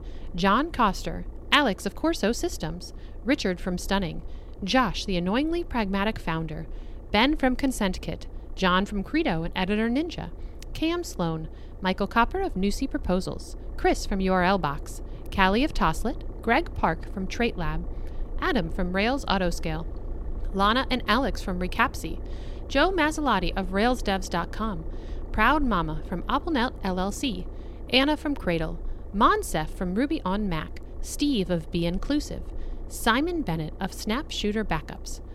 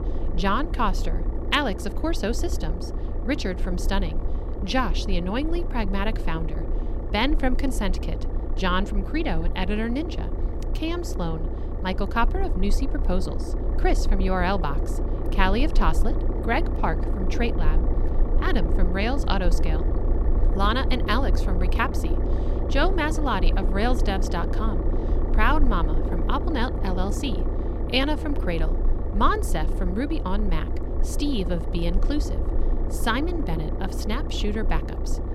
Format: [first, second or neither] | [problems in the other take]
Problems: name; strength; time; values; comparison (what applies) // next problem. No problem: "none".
first | low rumble; loud; throughout; 9 dB below the speech; faint in the first